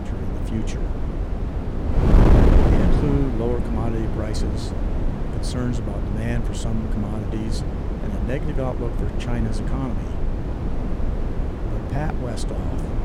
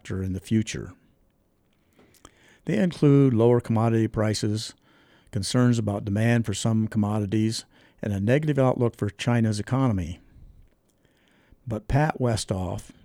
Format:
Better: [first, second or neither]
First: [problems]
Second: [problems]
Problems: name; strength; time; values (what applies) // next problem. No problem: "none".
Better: second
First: wind noise on the microphone; heavy; 1 dB above the speech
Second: none